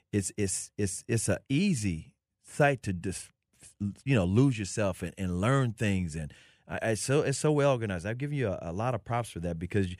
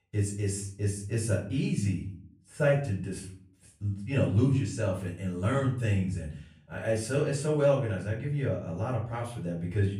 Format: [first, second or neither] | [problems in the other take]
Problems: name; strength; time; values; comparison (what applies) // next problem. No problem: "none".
first | off-mic speech; far // room echo; slight; dies away in 0.5 s